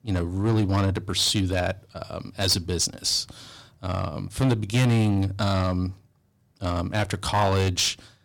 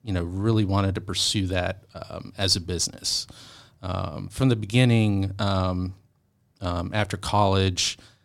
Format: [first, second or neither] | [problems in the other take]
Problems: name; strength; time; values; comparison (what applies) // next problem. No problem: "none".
second | distortion; slight; 5% of the sound clipped